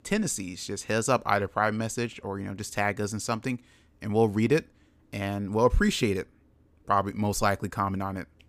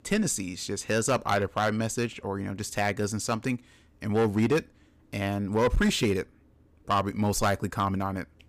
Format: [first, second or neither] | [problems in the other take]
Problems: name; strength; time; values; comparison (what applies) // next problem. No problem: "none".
first | distortion; slight; 4% of the sound clipped